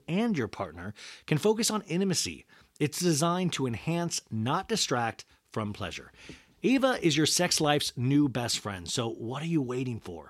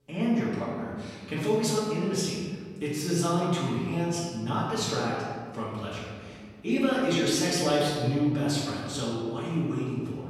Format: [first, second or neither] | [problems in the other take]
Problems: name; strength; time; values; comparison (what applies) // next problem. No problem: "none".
first | off-mic speech; far // room echo; strong; dies away in 1.7 s